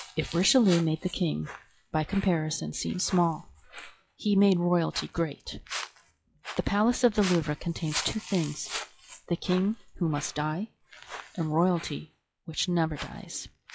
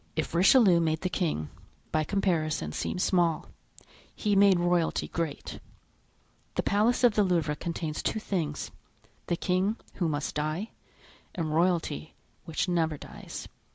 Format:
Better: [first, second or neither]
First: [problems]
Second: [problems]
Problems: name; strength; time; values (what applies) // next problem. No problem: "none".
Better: second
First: noise reduction (classical method log-MMSE)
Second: none